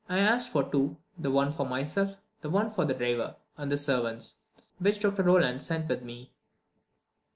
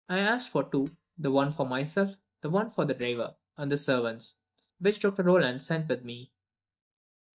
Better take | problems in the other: first | noise reduction (neural mask model DeepFilterNet 3)

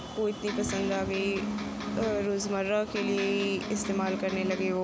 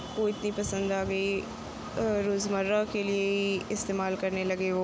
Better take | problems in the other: second | background sound (Electric guitar); 4 dB below the speech

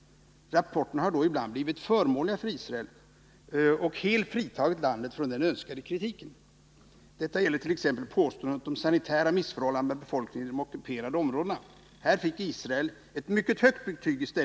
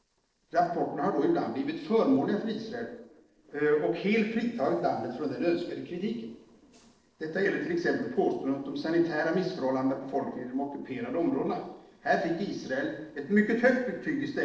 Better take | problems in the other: first | noise reduction (neural separator model SepFormer DNS4)

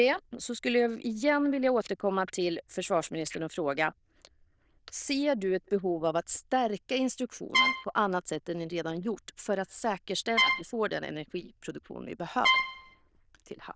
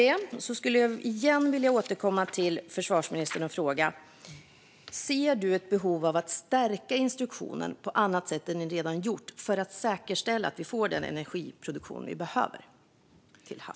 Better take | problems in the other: second | noise reduction (neural diffusion model UNIVERSE++)

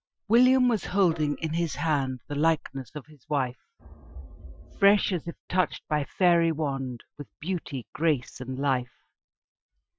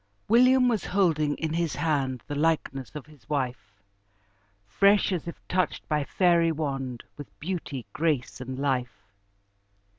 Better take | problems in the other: second | noise reduction (classical method Wiener filter)

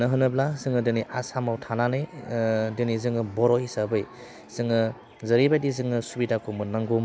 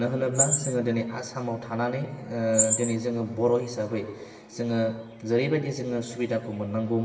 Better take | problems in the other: first | background sound (Chirp, tweet); 3 dB below the speech // room echo; dies away in 1 s

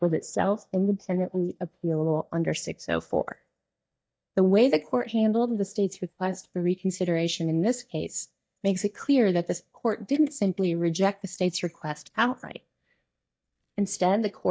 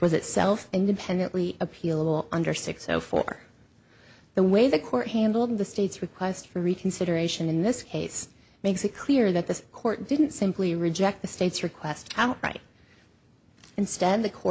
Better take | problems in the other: second | noise reduction (neural mask model DeepFilterNet 3)

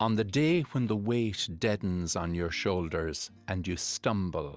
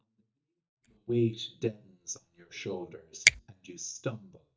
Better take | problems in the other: first | noise reduction (neural mask model DeepFilterNet 3)

